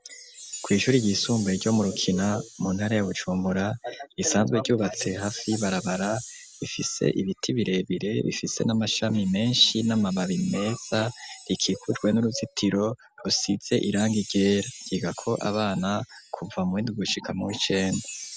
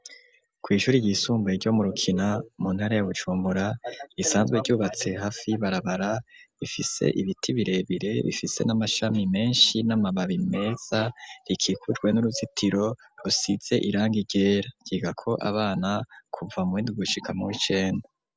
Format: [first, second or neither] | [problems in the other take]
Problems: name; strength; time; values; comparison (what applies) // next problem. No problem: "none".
second | background sound (Chime); 18 dB below the speech